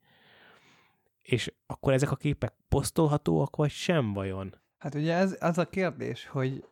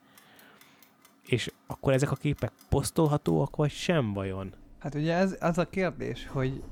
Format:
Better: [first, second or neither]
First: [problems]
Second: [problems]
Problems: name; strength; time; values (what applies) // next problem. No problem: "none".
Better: first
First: none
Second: household noises; faint; throughout; 25 dB below the speech